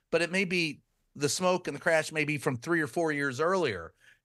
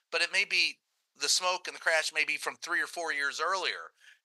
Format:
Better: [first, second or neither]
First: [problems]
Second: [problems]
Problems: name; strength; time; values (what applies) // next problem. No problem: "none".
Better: first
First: none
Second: thin; very; fading below 900 Hz